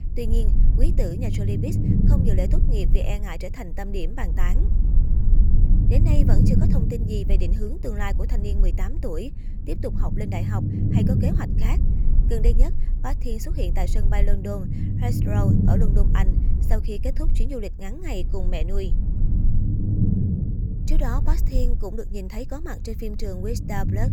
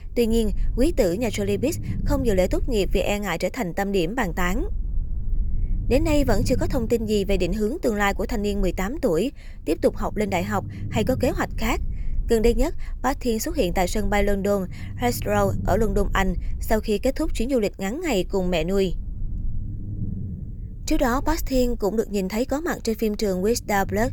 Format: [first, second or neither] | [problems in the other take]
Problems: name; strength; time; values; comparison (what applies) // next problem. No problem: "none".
second | low rumble; loud; throughout; 2 dB below the speech; faint in the second